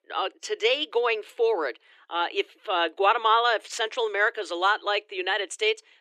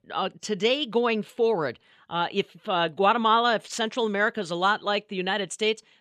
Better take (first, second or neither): second